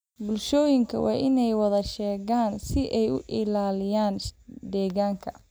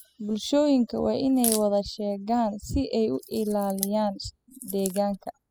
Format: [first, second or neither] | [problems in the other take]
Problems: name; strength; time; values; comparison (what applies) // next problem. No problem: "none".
first | noise reduction (classical method spectral subtraction)